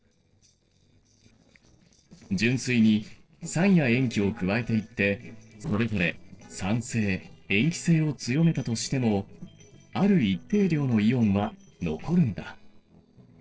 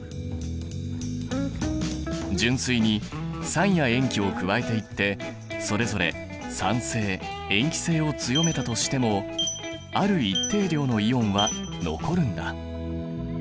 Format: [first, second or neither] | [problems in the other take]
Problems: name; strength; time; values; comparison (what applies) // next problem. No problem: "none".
second | noise reduction (neural separator model SepFormer DNS4)